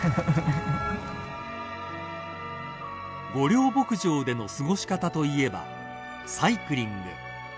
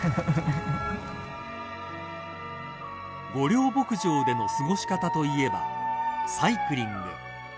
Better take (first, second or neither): first